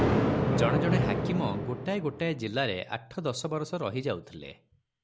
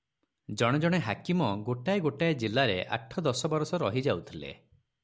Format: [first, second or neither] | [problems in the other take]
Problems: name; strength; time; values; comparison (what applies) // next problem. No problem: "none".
second | background sound (Thunder); 1 dB above the speech